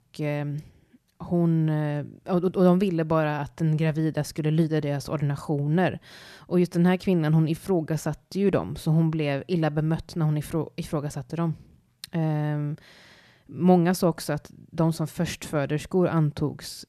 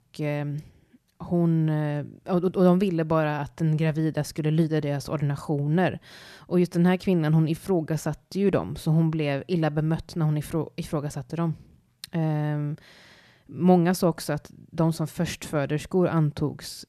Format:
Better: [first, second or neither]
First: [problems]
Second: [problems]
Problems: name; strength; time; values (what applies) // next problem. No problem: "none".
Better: neither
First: none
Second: none